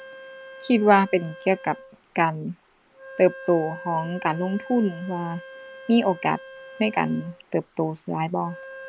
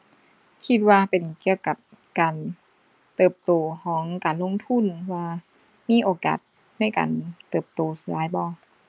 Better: second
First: background sound (Wind instrument, woodwind instrument); 17 dB below the speech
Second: none

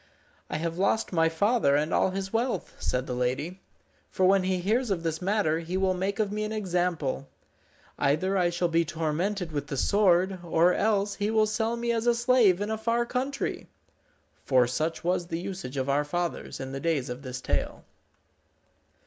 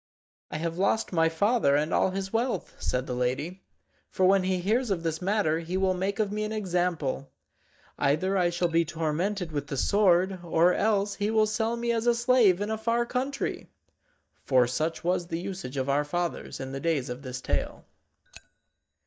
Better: first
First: none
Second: noise reduction (neural mask model DeepFilterNet 3)

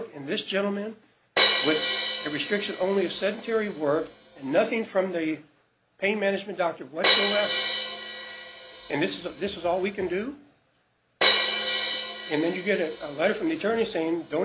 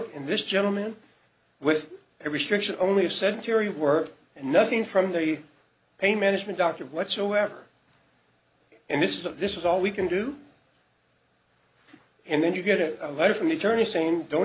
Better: second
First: background sound (Crash cymbal); 1 dB below the speech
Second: none

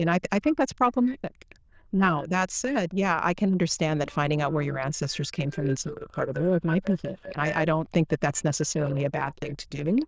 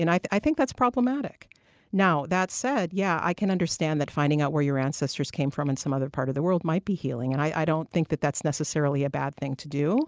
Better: second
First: noise reduction (neural diffusion model UNIVERSE++)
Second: none

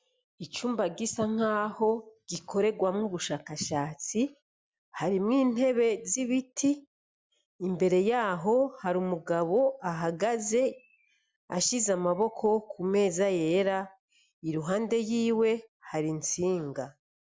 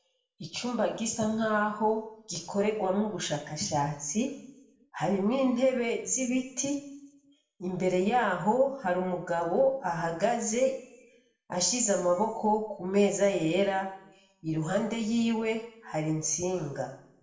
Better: first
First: none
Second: room echo; dies away in 0.6 s

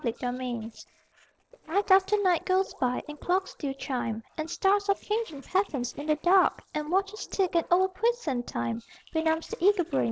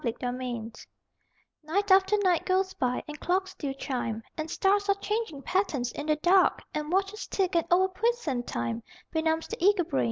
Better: second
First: noise reduction (neural separator model SepFormer DNS4)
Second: none

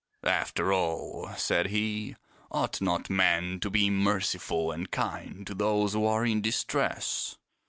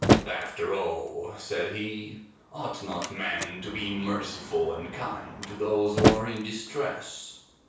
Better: first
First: none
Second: background sound (Slam); 1 dB above the speech // room echo; dies away in 0.6 s

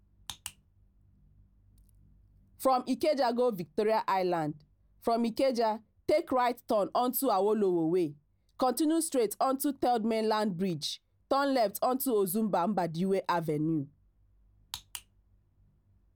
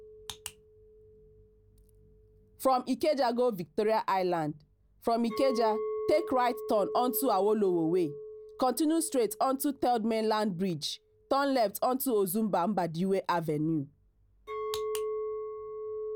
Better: first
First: none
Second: background sound (Chink, clink); 11 dB below the speech

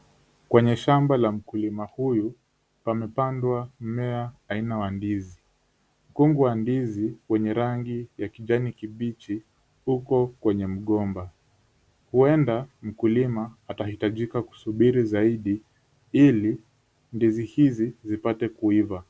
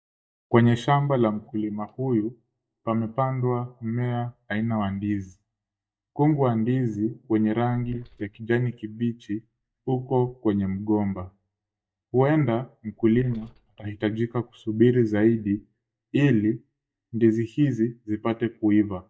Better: first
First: none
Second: noise reduction (neural mask model DeepFilterNet 3)

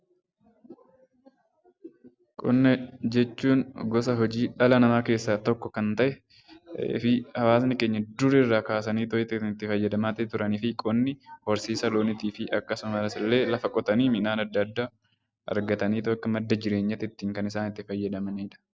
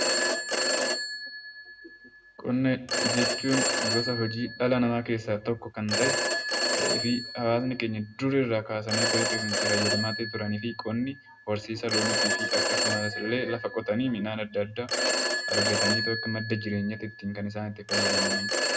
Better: first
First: none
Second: background sound (Telephone); 1 dB above the speech // room echo; dies away in 0.2 s

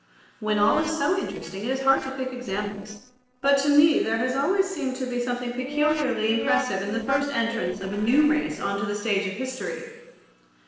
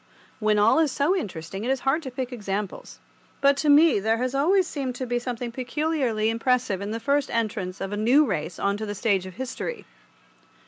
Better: second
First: noise reduction (neural separator model SepFormer DNS4)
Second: none

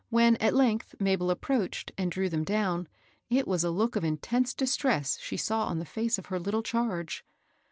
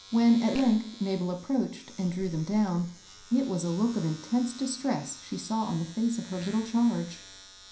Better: first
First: none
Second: background sound (Domestic sounds, home sounds); 19 dB below the speech // room echo; dies away in 0.5 s

